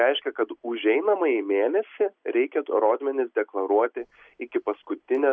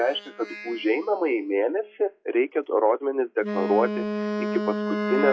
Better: first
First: none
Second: noise reduction (classical method log-MMSE)

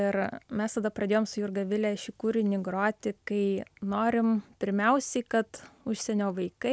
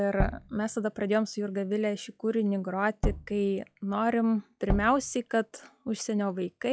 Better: first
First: none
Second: noise reduction (classical method log-MMSE)

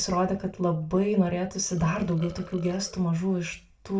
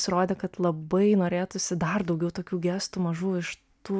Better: second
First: background sound (Burping, eructation); 19 dB below the speech // room echo; dies away in 0.2 s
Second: none

